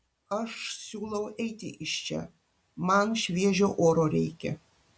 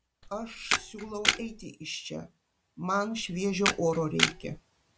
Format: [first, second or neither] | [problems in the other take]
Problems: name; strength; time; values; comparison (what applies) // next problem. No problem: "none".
first | background sound (Camera); 1 dB above the speech